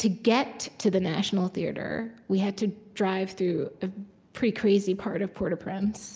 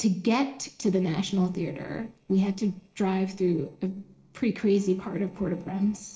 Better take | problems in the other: first | noise reduction (neural separator model SepFormer DNS4)

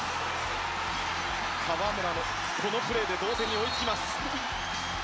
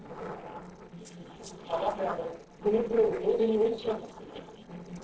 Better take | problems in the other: first | noise reduction (neural separator model SepFormer DNS4)

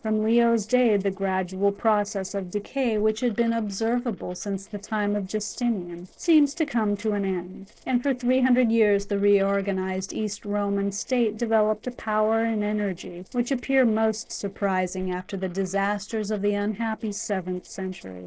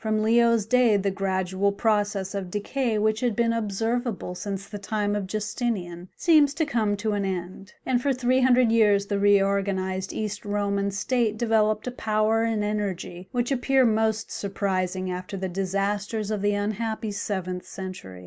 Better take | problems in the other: second | noise reduction (neural separator model SepFormer DNS4)

